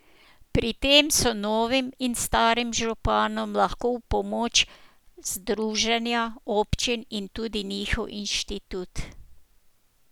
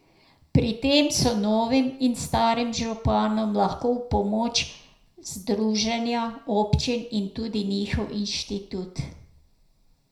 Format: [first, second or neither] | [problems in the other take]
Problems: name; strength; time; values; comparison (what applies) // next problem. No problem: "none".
first | room echo; dies away in 0.5 s